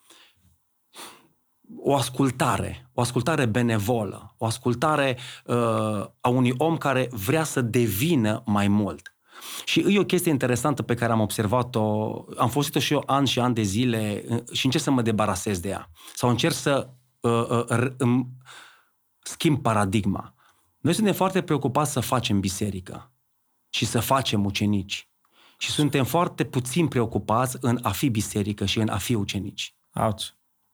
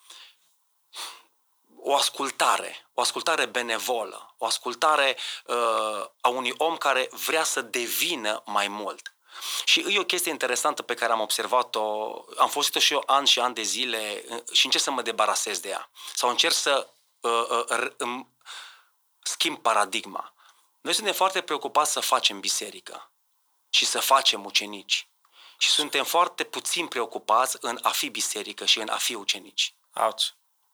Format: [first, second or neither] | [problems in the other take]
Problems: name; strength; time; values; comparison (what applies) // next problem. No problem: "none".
first | thin; very; fading below 500 Hz